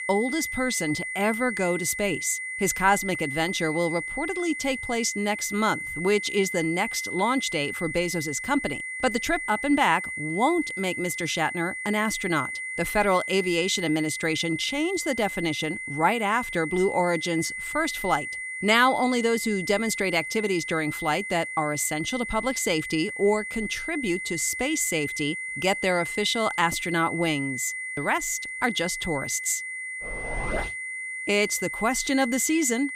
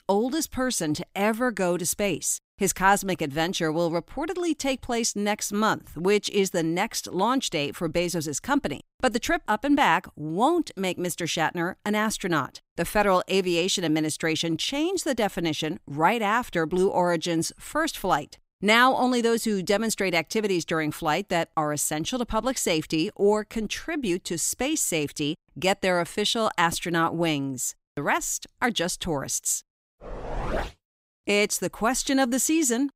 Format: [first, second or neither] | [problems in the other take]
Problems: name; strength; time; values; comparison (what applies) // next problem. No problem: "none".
second | high-pitched whine; loud; throughout; 2 kHz, 5 dB below the speech